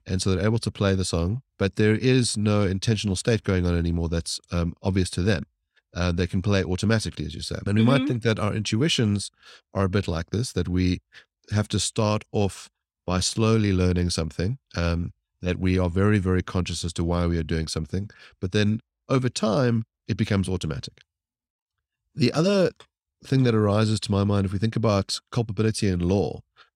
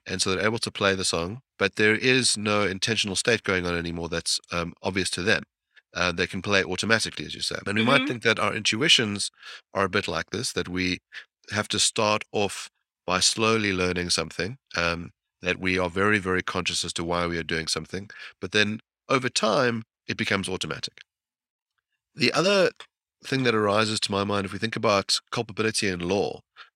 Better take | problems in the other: first | thin; somewhat; fading below 1 kHz

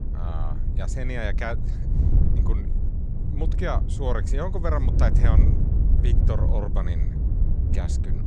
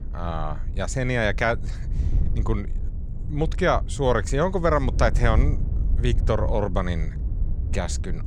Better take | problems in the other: second | wind noise on the microphone; heavy; 6 dB below the speech; occasional gusts in the second

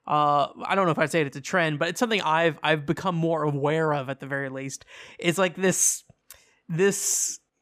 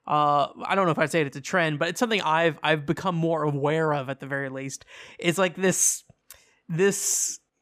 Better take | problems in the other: neither | none

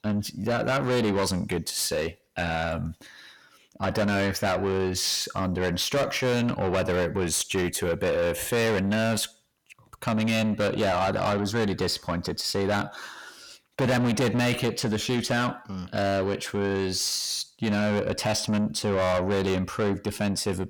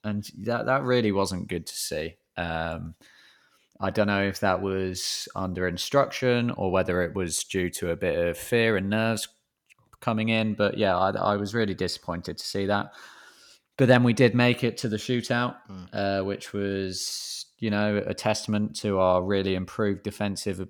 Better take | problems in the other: second | distortion; heavy; 6 dB below the speech

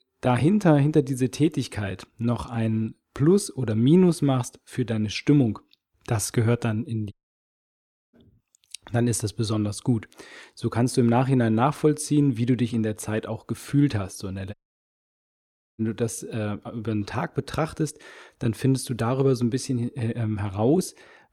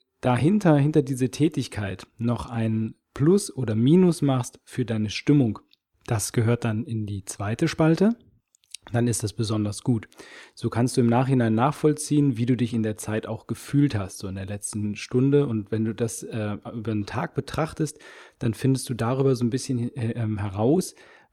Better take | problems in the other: second | audio cutting out; at 7 s for 1 s and at 15 s for 1 s

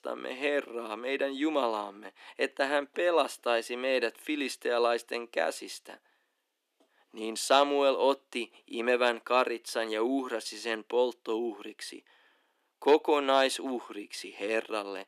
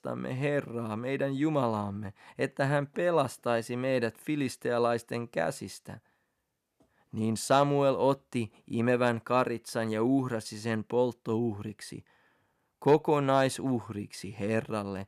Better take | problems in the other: second | thin; somewhat; fading below 300 Hz

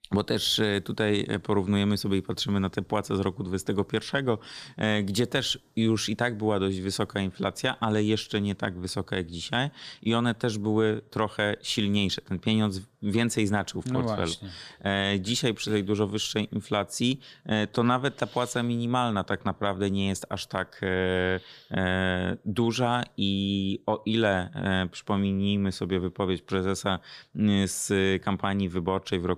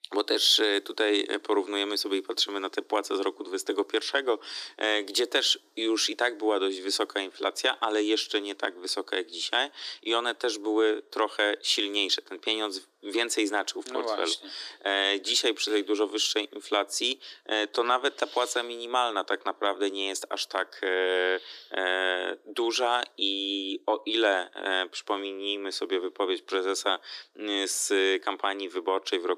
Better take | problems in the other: first | thin; very; fading below 300 Hz

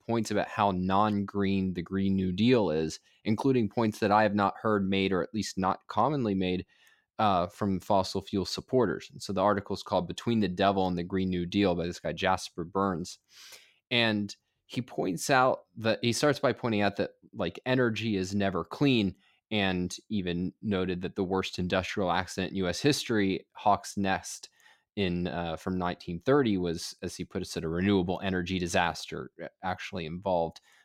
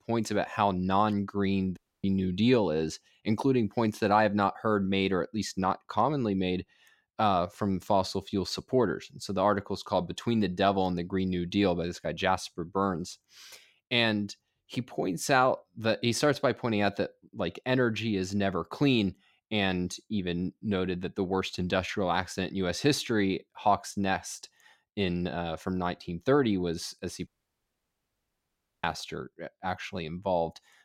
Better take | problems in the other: first | audio cutting out; at 2 s and at 27 s for 1.5 s

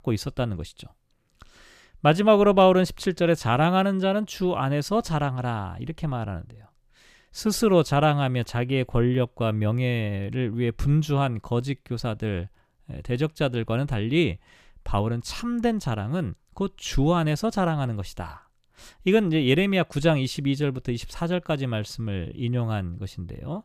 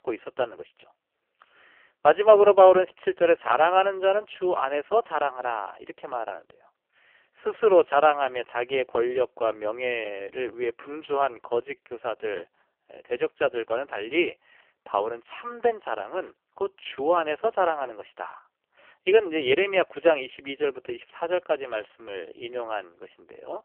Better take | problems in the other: first | phone-call audio; poor line; nothing above 3 kHz

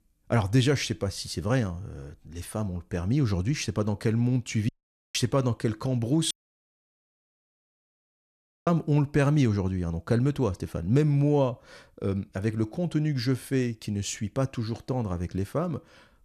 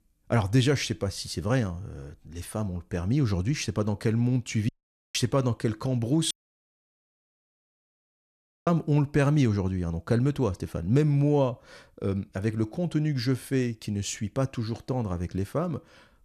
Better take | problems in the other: neither | audio cutting out; at 4.5 s and at 6.5 s for 2.5 s; the same in both

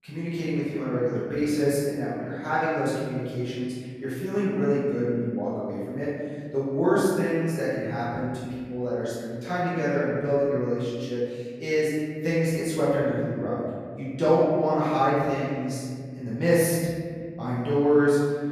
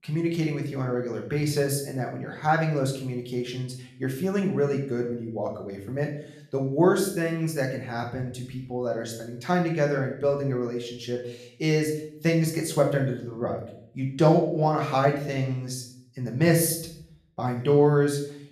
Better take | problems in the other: second | room echo; strong; dies away in 2 s; slight in the second // off-mic speech; far; somewhat distant in the second

